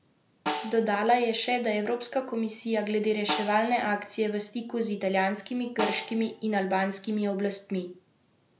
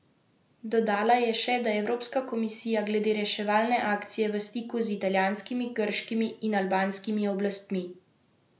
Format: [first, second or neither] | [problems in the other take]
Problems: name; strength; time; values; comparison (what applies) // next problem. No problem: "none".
second | background sound (Snare drum); 12 dB below the speech